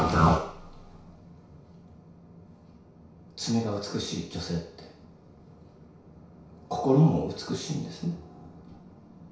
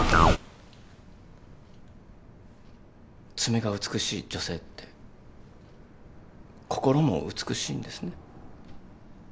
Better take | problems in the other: second | room echo; dies away in 0.6 s

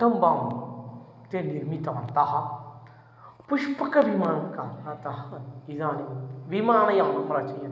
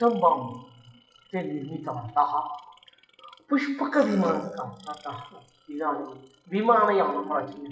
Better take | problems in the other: first | noise reduction (classical method WPE with log-MMSE)

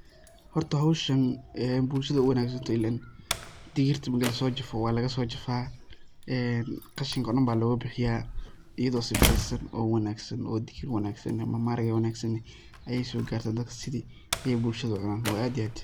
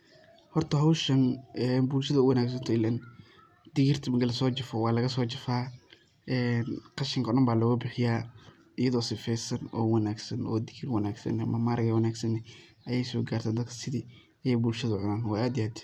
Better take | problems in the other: second | background sound (Slam); 8 dB below the speech

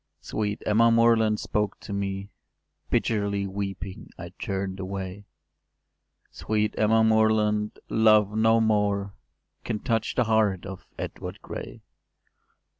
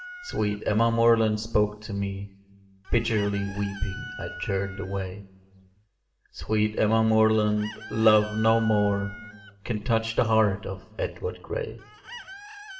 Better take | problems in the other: first | background sound (Chicken, rooster); 18 dB below the speech // room echo; dies away in 1.6 s

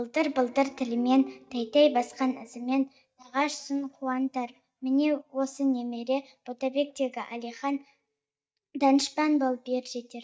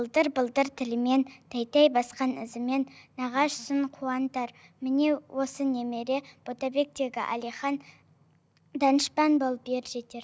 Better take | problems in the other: second | noise reduction (neural mask model DeepFilterNet 3)

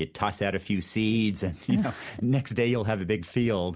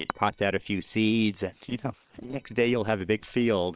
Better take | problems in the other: first | noise reduction (neural separator model SepFormer WHAM!)

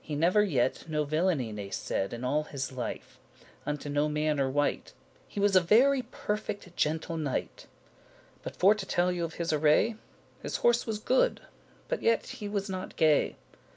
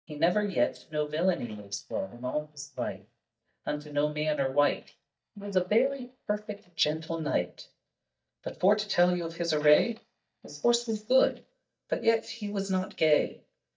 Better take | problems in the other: first | noise reduction (neural mask model DeepFilterNet 3)

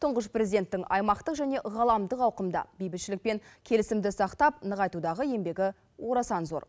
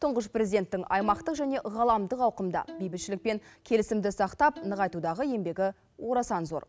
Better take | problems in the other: first | background sound (Bowed string instrument); 20 dB below the speech

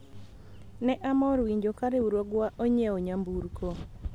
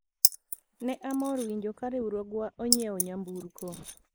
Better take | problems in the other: first | noise reduction (neural mask model Resemble Enhance denoiser)

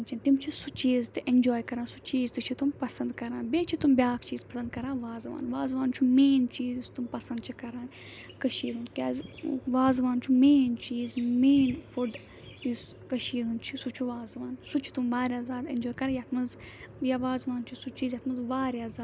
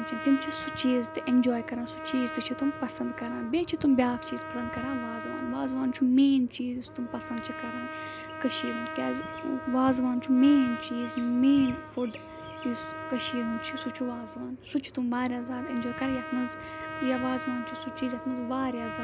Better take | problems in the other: first | background sound (Trumpet); 10 dB below the speech

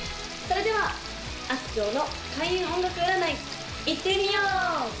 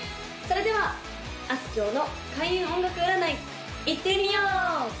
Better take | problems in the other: second | background sound (Frying (food)); 12 dB below the speech

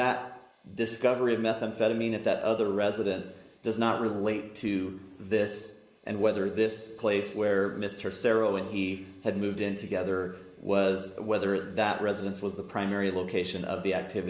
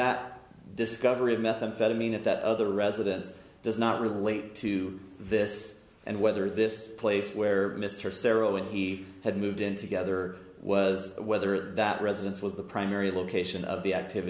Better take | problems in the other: second | noise reduction (neural mask model Resemble Enhance denoiser)

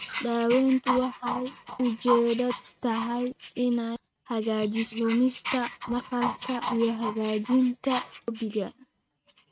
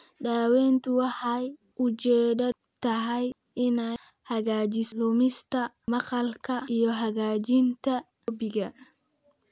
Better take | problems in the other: second | noise reduction (neural mask model RNNoise)

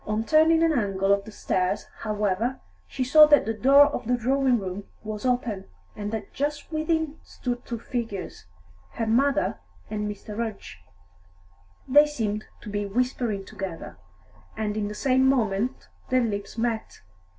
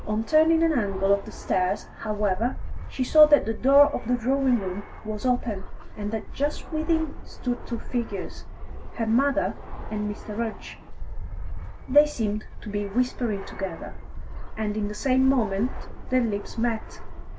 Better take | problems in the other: first | background sound (Fixed-wing aircraft, airplane); 8 dB below the speech

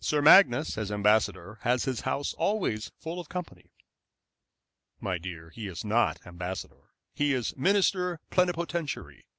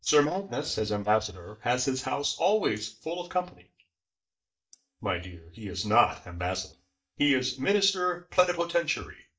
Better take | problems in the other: first | noise reduction (neural mask model DeepFilterNet 3)

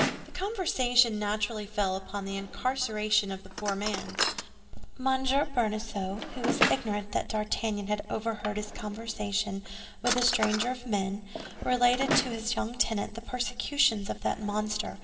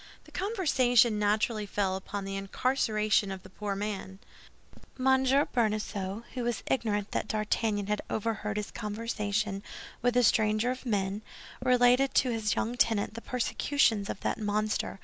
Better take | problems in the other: second | background sound (Drawer open or close); 7 dB below the speech // room echo; dies away in 2.8 s

